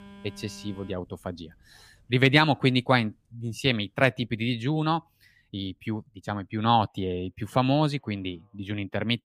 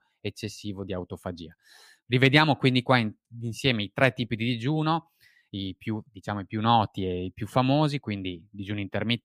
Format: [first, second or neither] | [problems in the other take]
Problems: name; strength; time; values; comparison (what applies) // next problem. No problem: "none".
second | alarms or sirens; faint; throughout; 25 dB below the speech